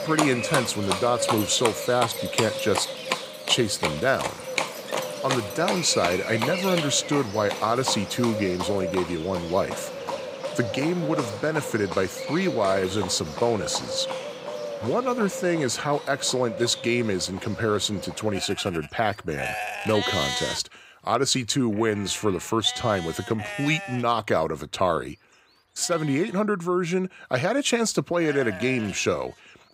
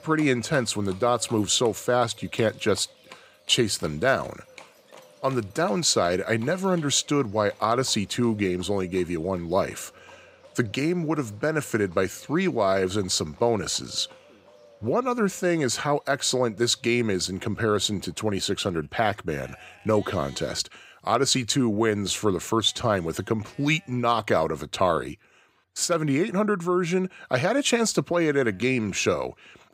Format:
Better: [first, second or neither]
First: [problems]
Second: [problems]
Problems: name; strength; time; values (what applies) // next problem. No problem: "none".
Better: second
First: animal sounds; loud; throughout; 6 dB below the speech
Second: animal sounds; faint; throughout; 25 dB below the speech